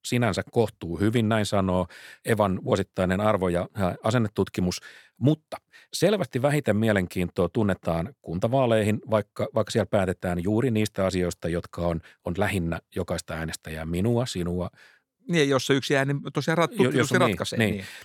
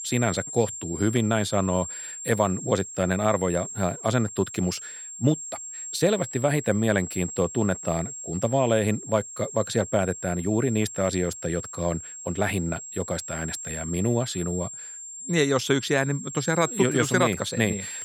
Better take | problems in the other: first | high-pitched whine; loud; throughout; 7.5 kHz, 9 dB below the speech

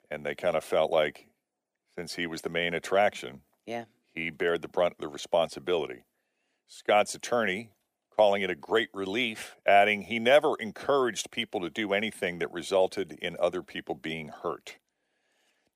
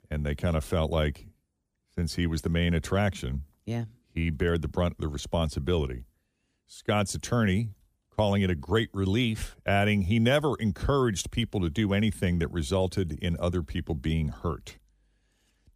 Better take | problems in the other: second | thin; very; fading below 350 Hz

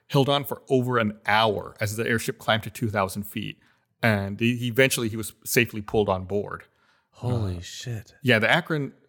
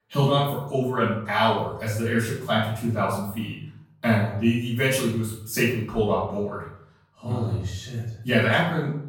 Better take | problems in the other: first | off-mic speech; far // room echo; noticeable; dies away in 0.6 s

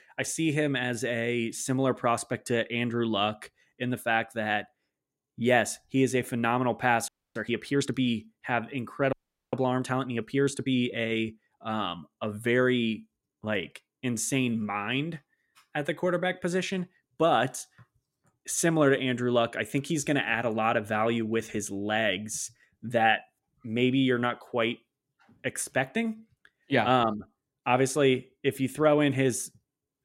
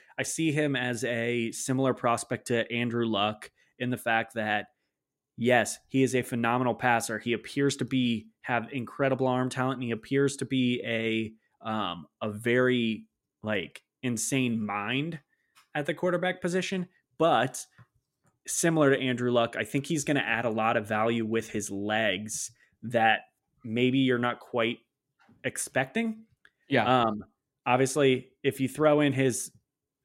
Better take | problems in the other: second | audio freezing; at 7 s and at 9 s

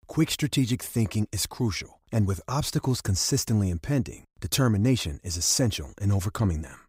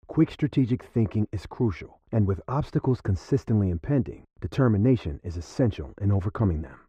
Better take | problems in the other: first | muffled; very; fading above 4 kHz

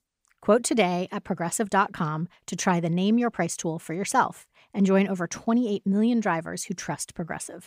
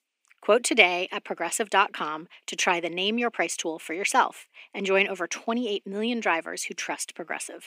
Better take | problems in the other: first | thin; somewhat; fading below 250 Hz

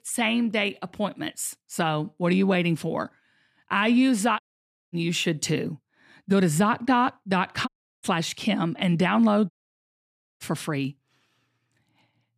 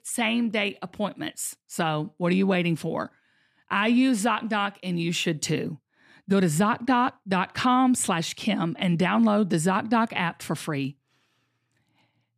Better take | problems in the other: second | audio cutting out; at 4.5 s for 0.5 s, at 7.5 s and at 9.5 s for 1 s

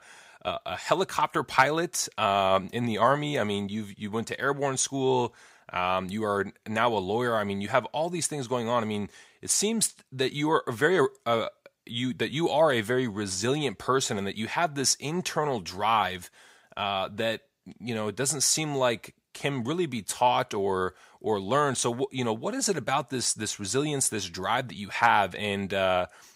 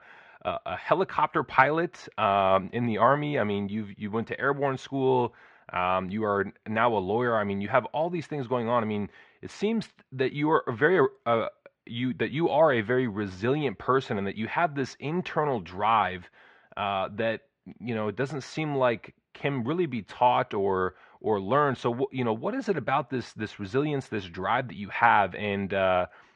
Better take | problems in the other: first | muffled; very; fading above 2.5 kHz

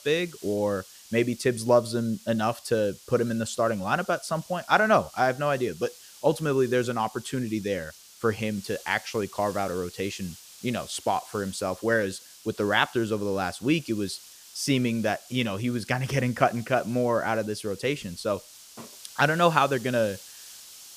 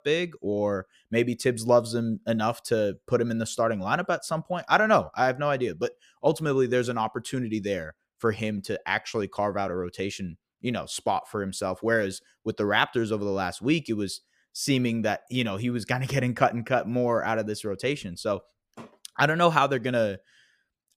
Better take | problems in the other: second | hiss; noticeable; throughout; 20 dB below the speech

